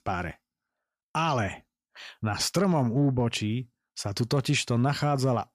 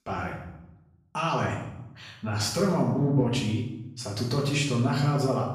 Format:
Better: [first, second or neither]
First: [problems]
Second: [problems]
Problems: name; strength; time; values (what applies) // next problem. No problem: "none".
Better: first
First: none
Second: room echo; noticeable; dies away in 0.8 s // off-mic speech; far